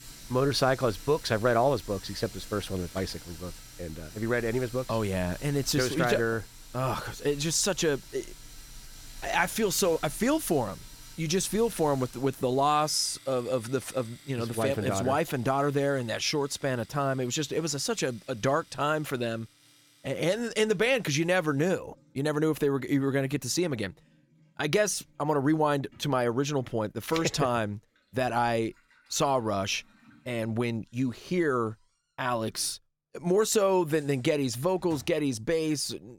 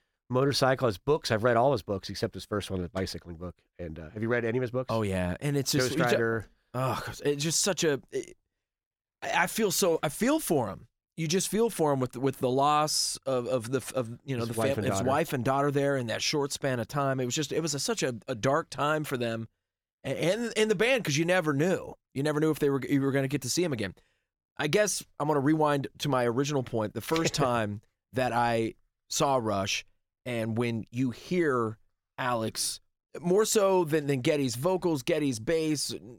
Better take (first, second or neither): second